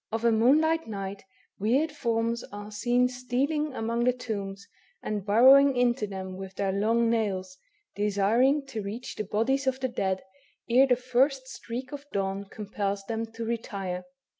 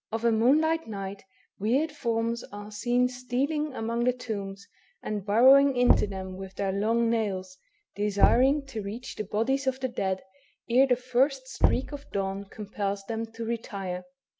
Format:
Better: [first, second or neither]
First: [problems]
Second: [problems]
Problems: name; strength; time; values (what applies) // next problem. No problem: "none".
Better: first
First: none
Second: background sound (Knock); 3 dB below the speech